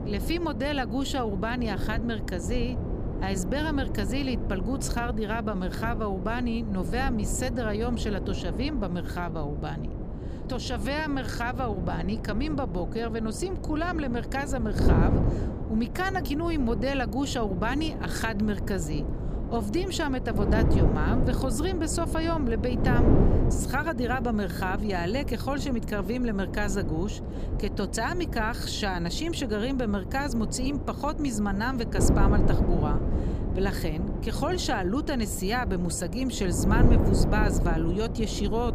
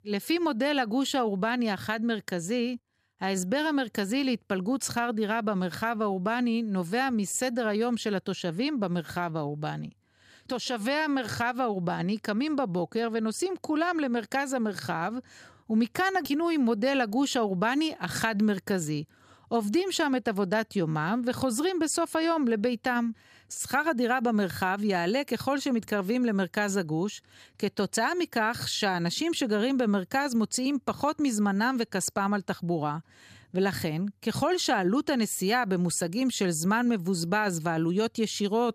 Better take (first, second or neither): second